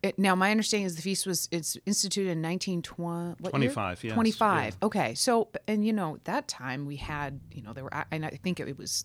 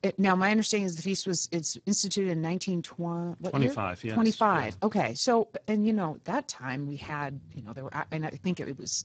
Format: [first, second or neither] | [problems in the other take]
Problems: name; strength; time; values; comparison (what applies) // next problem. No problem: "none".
first | garbled, watery; badly; nothing above 7.5 kHz